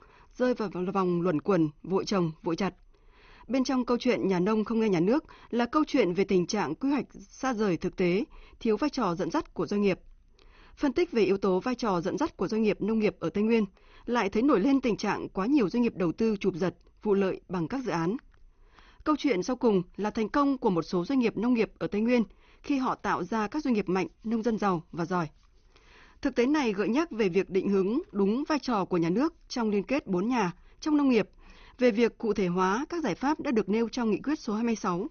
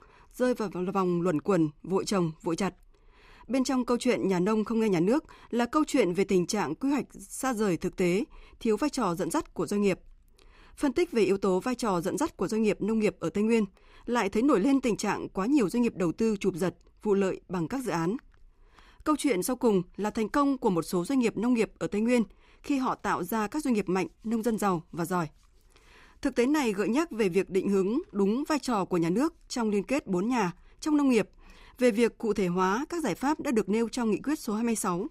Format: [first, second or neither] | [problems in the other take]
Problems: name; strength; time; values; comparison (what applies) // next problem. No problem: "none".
second | garbled, watery; slightly; nothing above 6.5 kHz